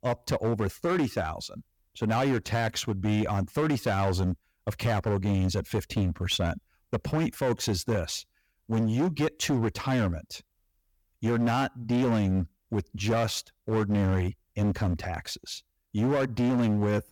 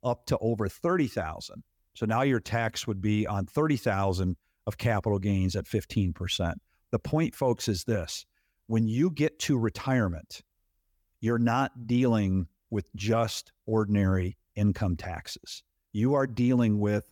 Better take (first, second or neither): second